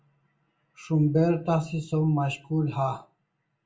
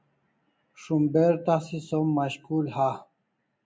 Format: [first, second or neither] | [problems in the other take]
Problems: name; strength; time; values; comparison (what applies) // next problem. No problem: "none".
second | room echo; dies away in 0.2 s